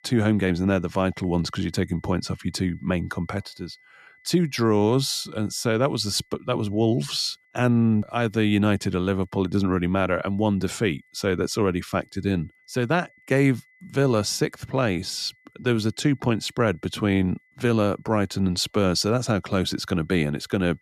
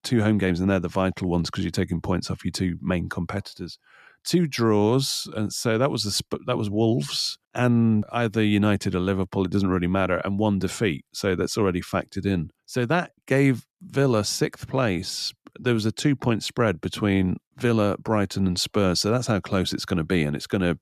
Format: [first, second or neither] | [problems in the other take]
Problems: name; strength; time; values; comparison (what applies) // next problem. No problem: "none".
second | high-pitched whine; faint; throughout; 2 kHz, 35 dB below the speech